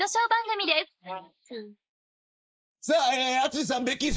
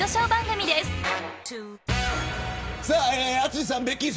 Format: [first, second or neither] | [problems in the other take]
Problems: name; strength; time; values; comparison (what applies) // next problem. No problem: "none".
second | noise reduction (neural mask model Resemble Enhance denoiser)